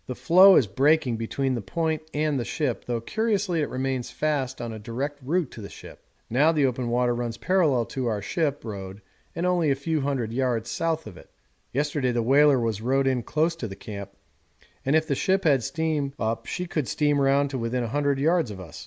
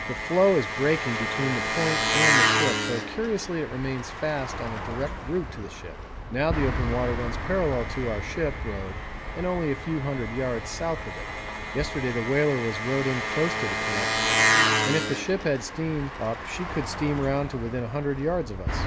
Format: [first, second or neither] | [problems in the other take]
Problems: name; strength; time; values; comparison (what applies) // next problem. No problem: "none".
first | background sound (Engine); as loud as the speech